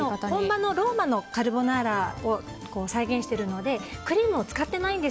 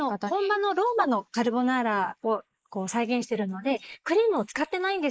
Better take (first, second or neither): first